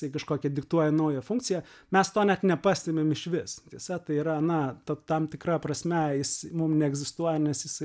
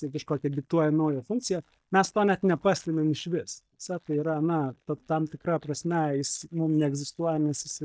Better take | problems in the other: first | noise reduction (neural mask model DeepFilterNet 3)

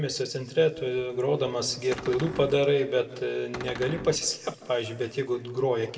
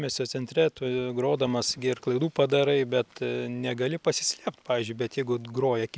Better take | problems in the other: second | background sound (Cupboard open or close); 12 dB below the speech // room echo; dies away in 1.2 s

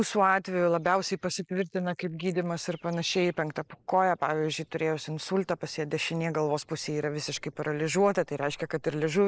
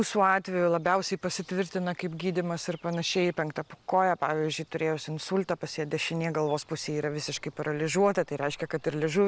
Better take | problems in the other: second | noise reduction (neural mask model Resemble Enhance denoiser)

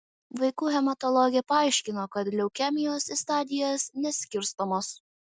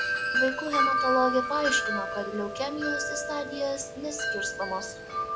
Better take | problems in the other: first | background sound (Wind chime); 1 dB above the speech // room echo; dies away in 0.3 s

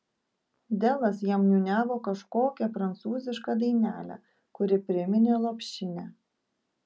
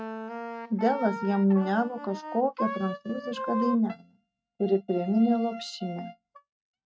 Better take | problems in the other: first | noise reduction (neural mask model RNNoise)

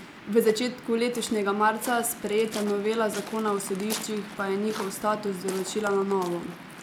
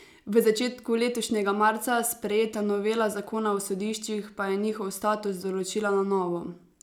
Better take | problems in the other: second | background sound (Waves, surf); 13 dB below the speech

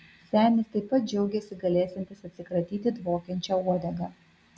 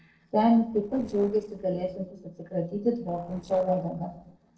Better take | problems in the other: first | noise reduction (neural separator model SepFormer DNS4)

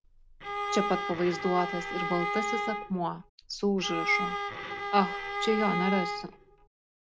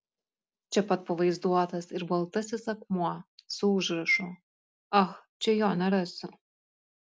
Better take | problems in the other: second | background sound (Bowed string instrument); 3 dB below the speech

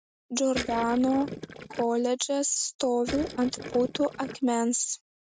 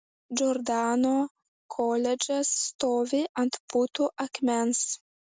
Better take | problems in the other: second | noise reduction (neural mask model RNNoise)

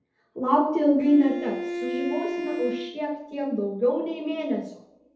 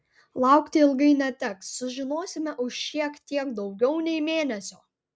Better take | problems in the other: second | background sound (Bowed string instrument); 7 dB below the speech // room echo; dies away in 2.1 s

